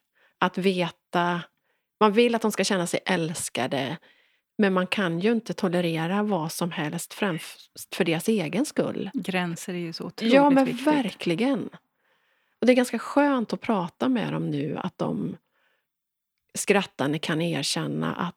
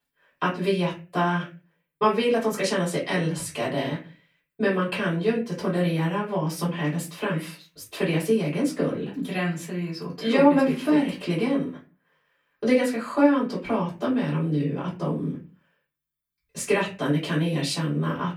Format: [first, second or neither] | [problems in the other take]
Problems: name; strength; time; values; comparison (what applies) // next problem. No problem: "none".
first | off-mic speech; far // room echo; very slight; dies away in 0.3 s